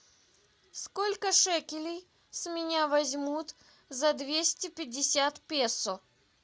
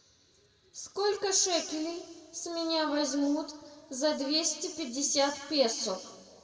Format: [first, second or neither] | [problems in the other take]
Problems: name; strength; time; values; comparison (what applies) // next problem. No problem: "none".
first | room echo; dies away in 1.4 s